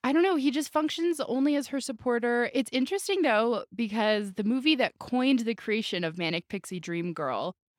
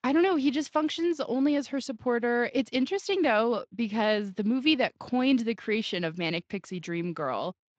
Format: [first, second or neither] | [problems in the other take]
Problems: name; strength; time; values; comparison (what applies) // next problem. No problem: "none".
first | garbled, watery; slightly; nothing above 7.5 kHz